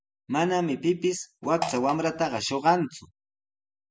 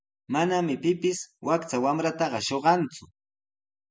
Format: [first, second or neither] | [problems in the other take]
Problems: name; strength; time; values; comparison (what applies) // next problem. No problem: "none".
second | background sound (Fart); 8 dB below the speech